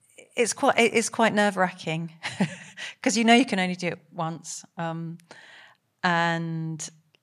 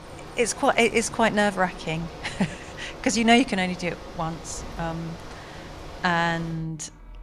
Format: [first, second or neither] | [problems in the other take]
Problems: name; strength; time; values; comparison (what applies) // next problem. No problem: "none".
first | traffic noise; noticeable; throughout; 15 dB below the speech